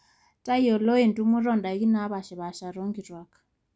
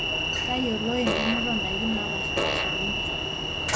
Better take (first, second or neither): first